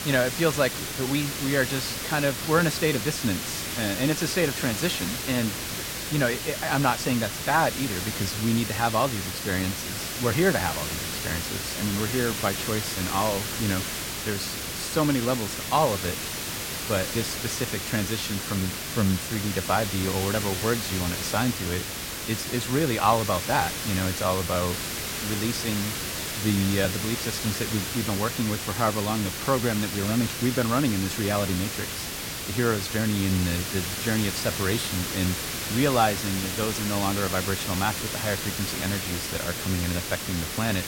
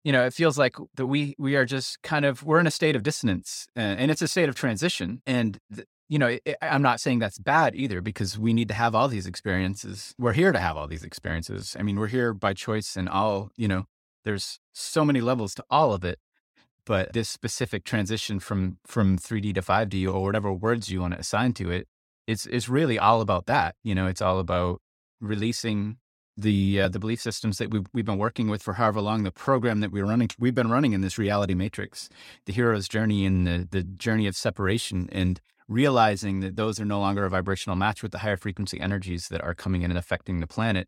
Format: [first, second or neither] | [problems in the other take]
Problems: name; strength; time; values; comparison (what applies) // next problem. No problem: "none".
second | hiss; loud; throughout; 3 dB below the speech